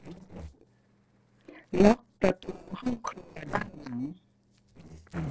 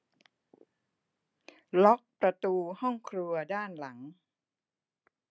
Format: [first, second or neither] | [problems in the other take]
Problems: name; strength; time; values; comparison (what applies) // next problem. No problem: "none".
second | noise reduction (neural separator model SepFormer DNS4)